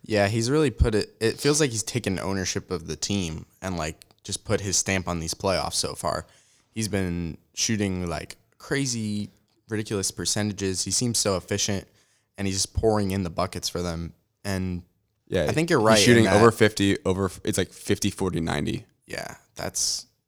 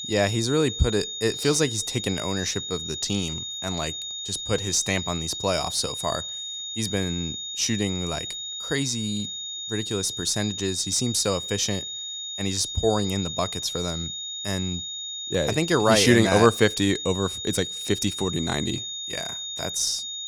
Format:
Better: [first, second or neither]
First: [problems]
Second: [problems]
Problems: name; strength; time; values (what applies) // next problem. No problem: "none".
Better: first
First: none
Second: high-pitched whine; loud; throughout; 3.5 kHz, 5 dB below the speech